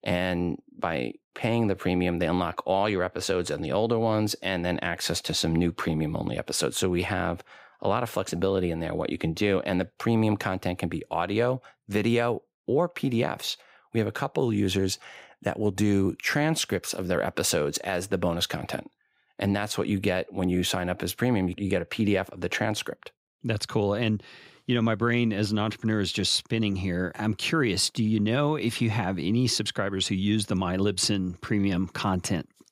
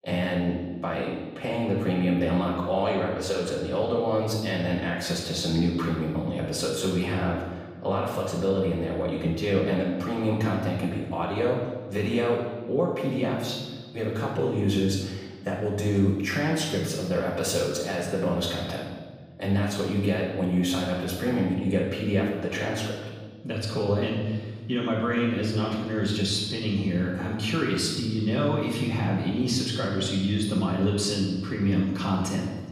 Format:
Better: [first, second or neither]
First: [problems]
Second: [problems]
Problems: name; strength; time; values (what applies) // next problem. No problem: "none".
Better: first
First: none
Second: off-mic speech; far // room echo; noticeable; dies away in 1.4 s